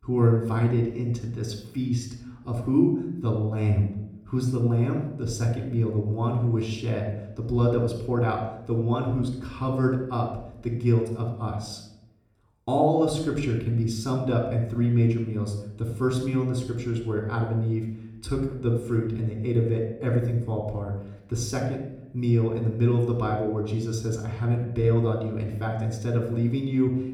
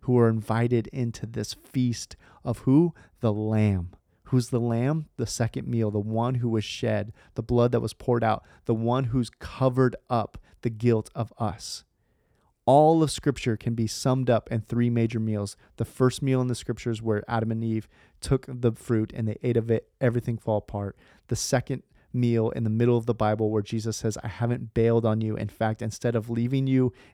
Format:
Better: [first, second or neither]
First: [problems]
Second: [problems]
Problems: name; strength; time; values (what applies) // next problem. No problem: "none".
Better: second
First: off-mic speech; somewhat distant // room echo; noticeable; dies away in 0.7 s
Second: none